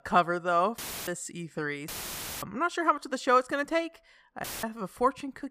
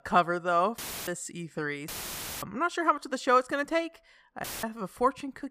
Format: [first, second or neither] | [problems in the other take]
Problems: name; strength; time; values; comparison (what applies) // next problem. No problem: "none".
neither | audio cutting out; filled with static; at 1 s, at 2 s for 0.5 s and at 4.5 s; the same in both